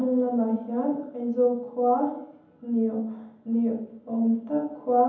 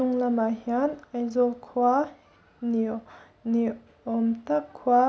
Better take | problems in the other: second | room echo; dies away in 0.8 s

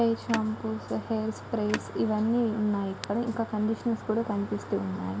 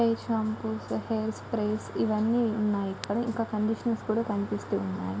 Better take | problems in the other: second | background sound (Telephone); 13 dB below the speech

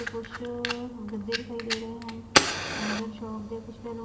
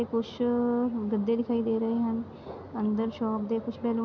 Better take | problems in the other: second | background sound (Fire); 4 dB above the speech // room echo; dies away in 2.4 s

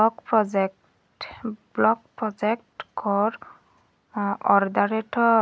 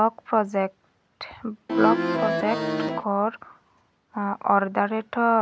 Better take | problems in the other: first | background sound (Accordion); 1 dB above the speech

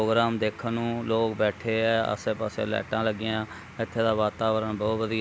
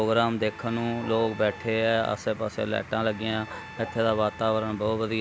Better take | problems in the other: first | background sound (Trumpet + Bark); 18 dB below the speech

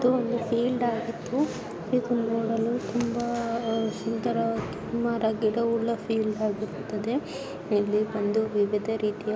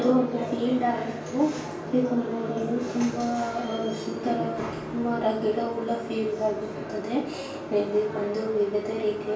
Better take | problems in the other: first | room echo; dies away in 0.3 s

